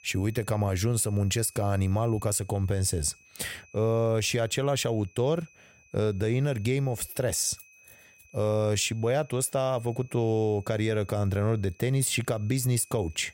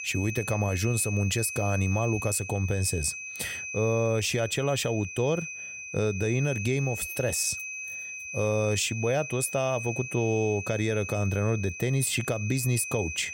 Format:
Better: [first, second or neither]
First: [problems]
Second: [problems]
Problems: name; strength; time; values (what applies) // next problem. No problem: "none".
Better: first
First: high-pitched whine; faint; throughout; 2.5 kHz, 30 dB below the speech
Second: high-pitched whine; loud; throughout; 2.5 kHz, 7 dB below the speech